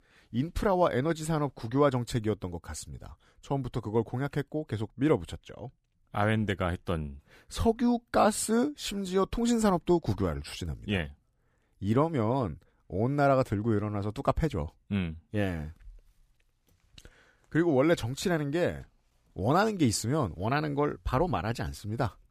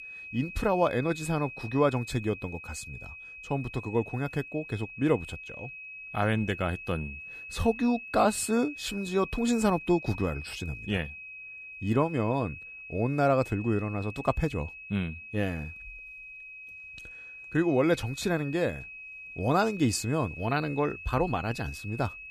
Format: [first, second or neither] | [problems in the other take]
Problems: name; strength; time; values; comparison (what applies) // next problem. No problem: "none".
first | high-pitched whine; noticeable; throughout; 2.5 kHz, 10 dB below the speech